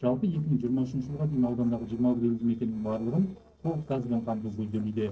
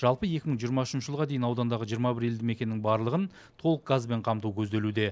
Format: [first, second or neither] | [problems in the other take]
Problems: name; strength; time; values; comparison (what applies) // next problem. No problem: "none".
second | noise reduction (neural separator model SepFormer DNS4)